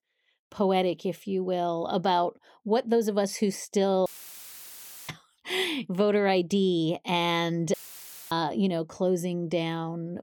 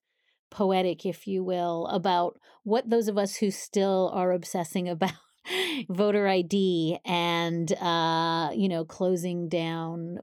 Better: second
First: audio cutting out; filled with static; at 4 s for 1 s and at 7.5 s for 0.5 s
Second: none

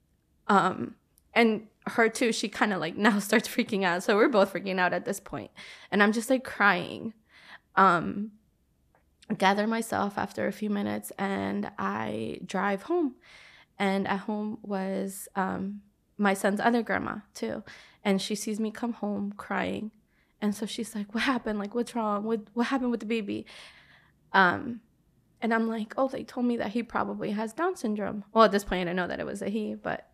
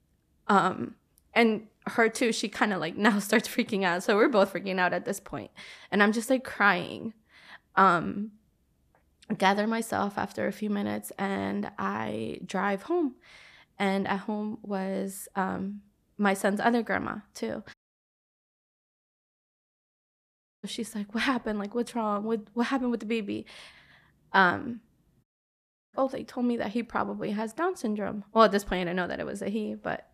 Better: first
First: none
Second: audio cutting out; at 18 s for 3 s and at 25 s for 0.5 s

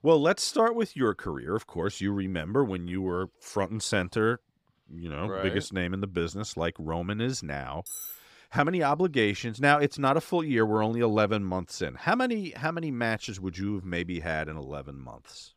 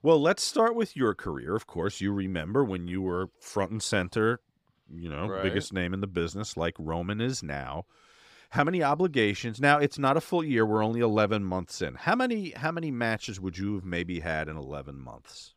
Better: second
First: clattering dishes; noticeable; at 8 s; peak 8 dB below the speech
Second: none

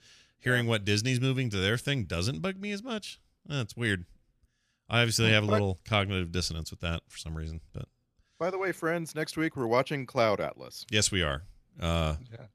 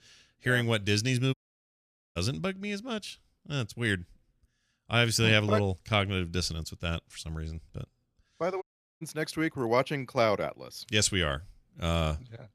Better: first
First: none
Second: audio cutting out; at 1.5 s for 1 s and at 8.5 s

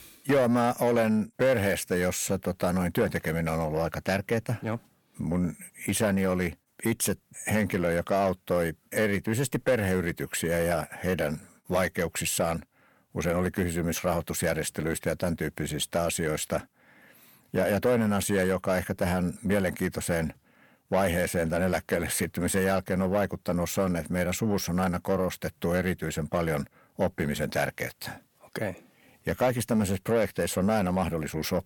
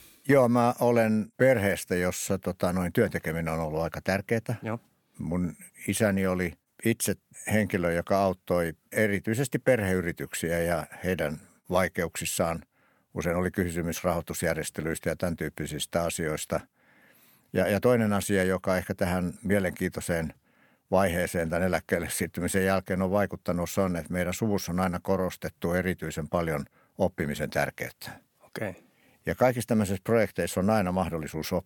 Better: second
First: distortion; slight; 10 dB below the speech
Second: none

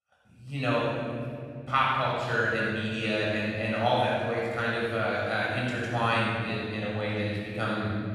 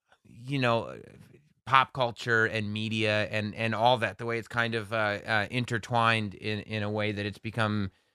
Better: second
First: off-mic speech; far // room echo; strong; dies away in 2.9 s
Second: none

